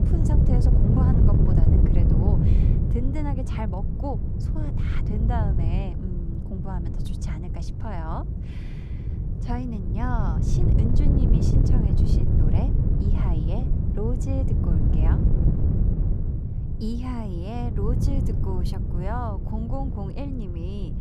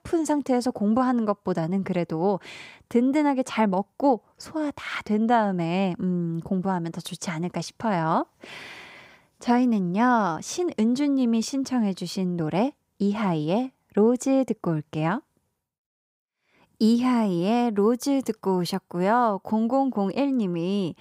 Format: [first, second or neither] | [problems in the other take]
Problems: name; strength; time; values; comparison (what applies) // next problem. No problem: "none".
second | wind noise on the microphone; heavy; as loud as the speech